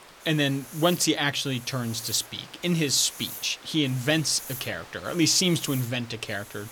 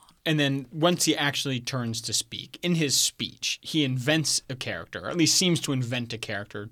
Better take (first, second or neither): second